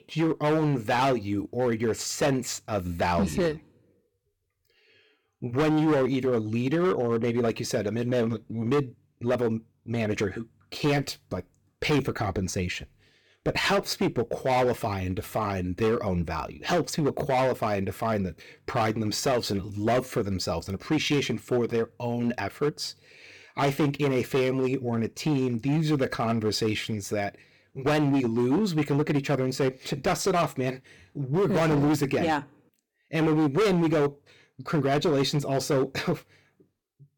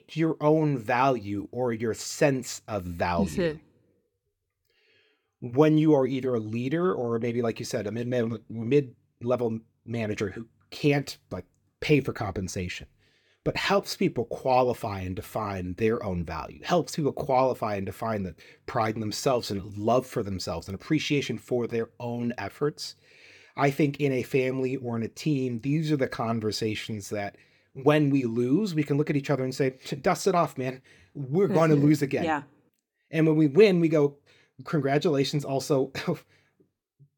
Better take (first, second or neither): second